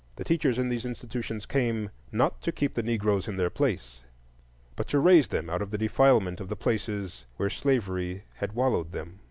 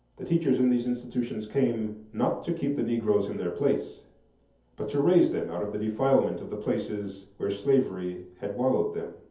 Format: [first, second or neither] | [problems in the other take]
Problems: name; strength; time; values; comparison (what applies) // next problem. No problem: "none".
first | room echo; dies away in 0.5 s